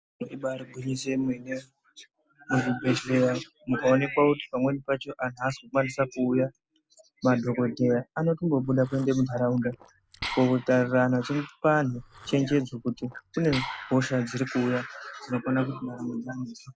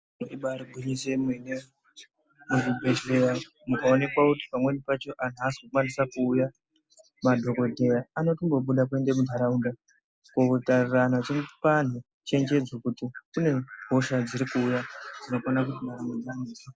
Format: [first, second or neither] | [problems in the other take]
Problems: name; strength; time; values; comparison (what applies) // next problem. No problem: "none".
second | background sound (Liquid); 15 dB below the speech